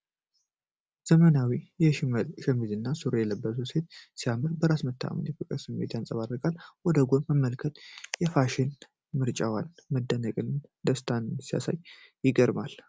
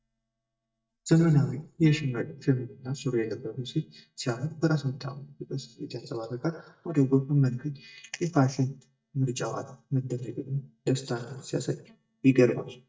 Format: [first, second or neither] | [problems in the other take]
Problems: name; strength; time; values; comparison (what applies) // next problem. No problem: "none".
first | noise reduction (neural mask model DeepFilterNet 3)